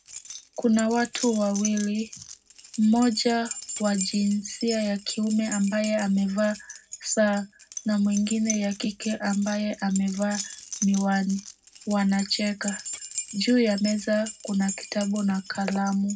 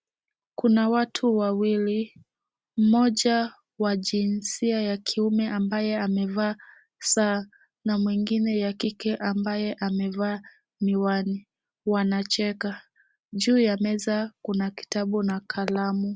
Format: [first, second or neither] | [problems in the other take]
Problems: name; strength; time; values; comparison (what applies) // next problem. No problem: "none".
second | background sound (Keys jangling); 13 dB below the speech // room echo; dies away in 0.3 s